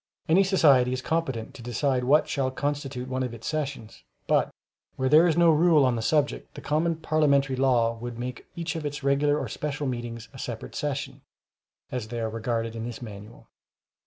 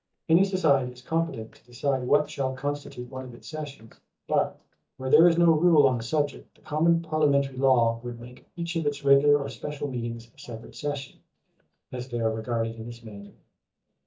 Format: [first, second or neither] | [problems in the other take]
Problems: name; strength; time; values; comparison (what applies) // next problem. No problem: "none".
first | noise reduction (neural mask model DeepFilterNet 3)